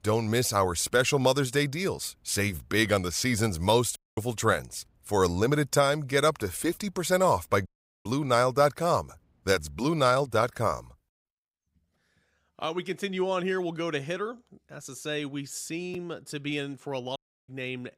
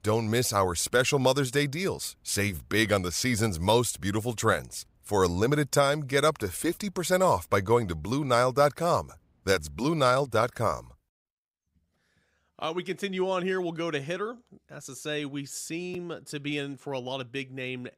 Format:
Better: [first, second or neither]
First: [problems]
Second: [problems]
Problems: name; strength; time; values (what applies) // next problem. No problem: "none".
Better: second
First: audio cutting out; at 4 s, at 7.5 s and at 17 s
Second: none